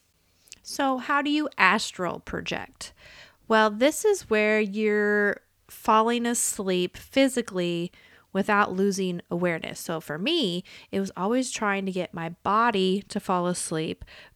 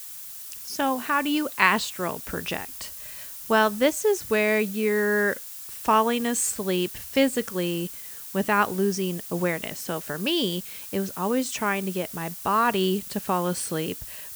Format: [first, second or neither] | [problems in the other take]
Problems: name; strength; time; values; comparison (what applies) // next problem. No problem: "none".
first | hiss; noticeable; throughout; 10 dB below the speech